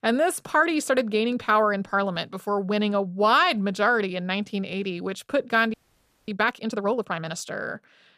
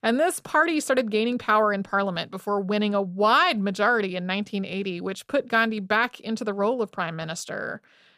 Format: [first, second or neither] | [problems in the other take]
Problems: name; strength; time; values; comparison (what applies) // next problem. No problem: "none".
second | audio freezing; at 5.5 s for 0.5 s